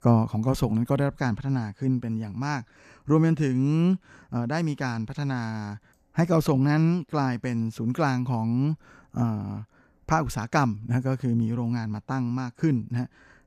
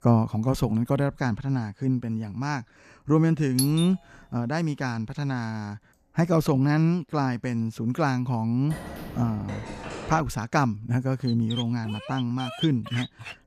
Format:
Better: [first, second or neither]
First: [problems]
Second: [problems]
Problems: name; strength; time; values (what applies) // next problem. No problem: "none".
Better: first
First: none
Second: doorbell; noticeable; at 3.5 s; peak 3 dB below the speech // phone ringing; faint; from 8.5 to 10 s; peak 10 dB below the speech // dog barking; noticeable; from 11 s on; peak 8 dB below the speech